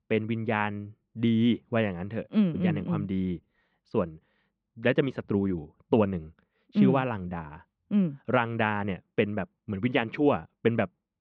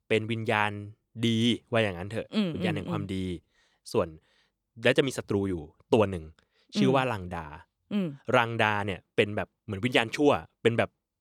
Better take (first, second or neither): second